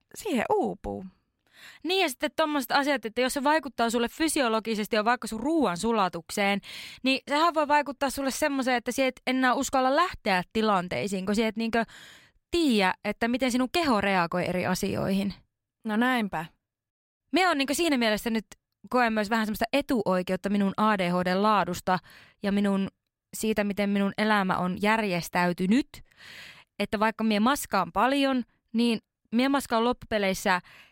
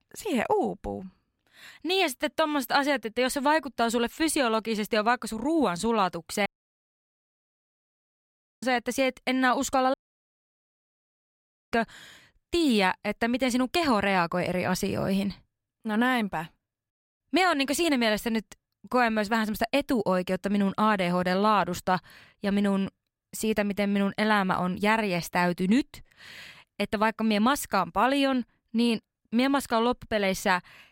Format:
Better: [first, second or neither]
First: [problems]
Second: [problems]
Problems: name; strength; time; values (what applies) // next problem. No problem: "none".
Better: first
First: none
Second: audio cutting out; at 6.5 s for 2 s and at 10 s for 2 s